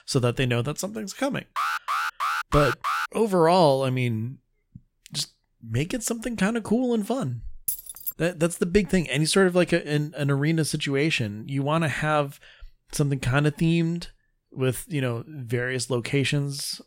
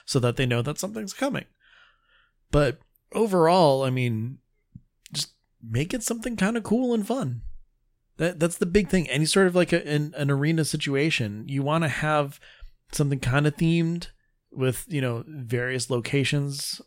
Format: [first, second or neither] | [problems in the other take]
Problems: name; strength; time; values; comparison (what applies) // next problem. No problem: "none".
second | alarm; noticeable; from 1.5 to 3 s; peak 1 dB below the speech // jangling keys; noticeable; at 7.5 s; peak 4 dB below the speech